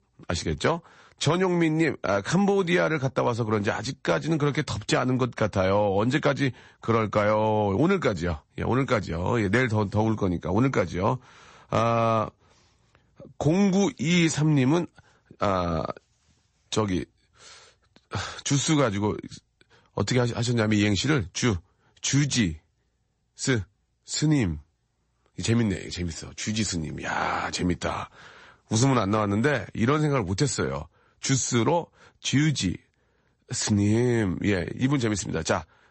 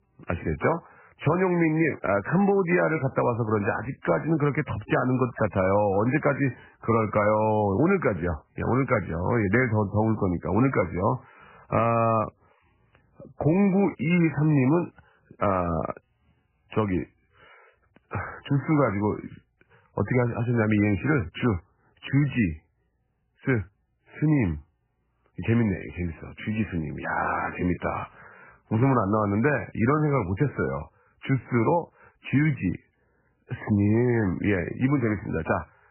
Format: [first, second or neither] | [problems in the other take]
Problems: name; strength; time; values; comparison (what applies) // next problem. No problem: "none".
first | garbled, watery; badly; nothing above 2.5 kHz; slightly in the first